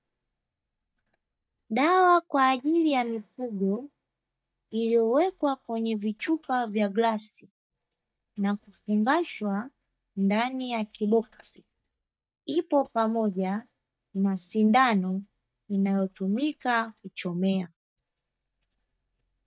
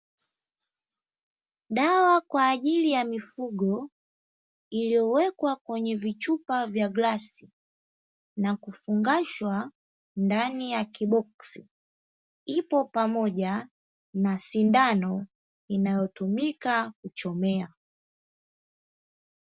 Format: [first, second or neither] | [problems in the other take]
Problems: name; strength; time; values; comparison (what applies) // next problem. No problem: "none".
second | noise reduction (neural mask model DeepFilterNet 3)